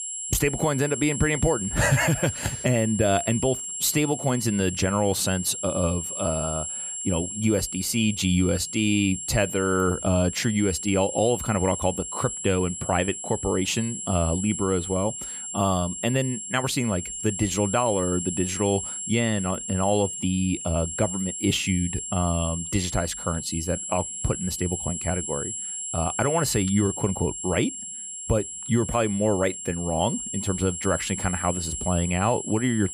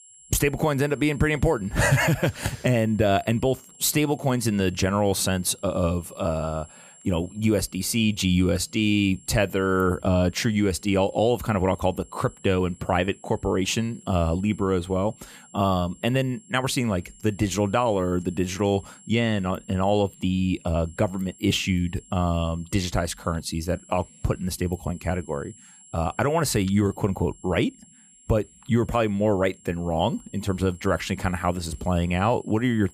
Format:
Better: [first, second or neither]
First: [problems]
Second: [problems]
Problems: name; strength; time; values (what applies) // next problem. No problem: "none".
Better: second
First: high-pitched whine; loud; throughout; 7.5 kHz, 6 dB below the speech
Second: high-pitched whine; faint; throughout; 7.5 kHz, 25 dB below the speech